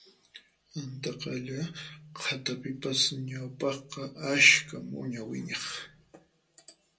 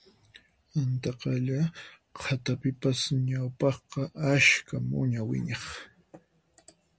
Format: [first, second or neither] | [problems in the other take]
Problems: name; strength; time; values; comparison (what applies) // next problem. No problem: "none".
second | room echo; dies away in 0.2 s